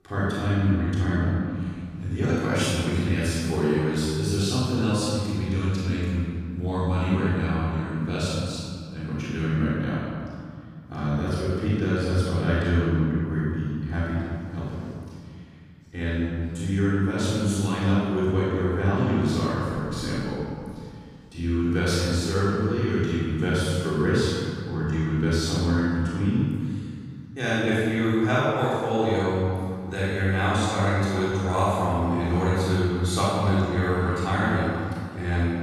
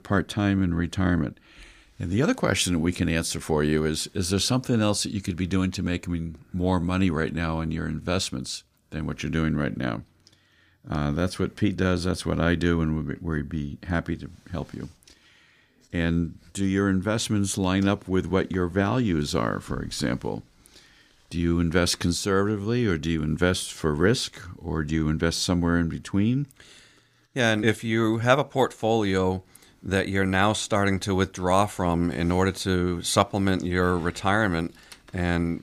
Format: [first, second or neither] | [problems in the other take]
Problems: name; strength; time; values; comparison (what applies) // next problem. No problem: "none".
second | off-mic speech; far // room echo; strong; dies away in 2.1 s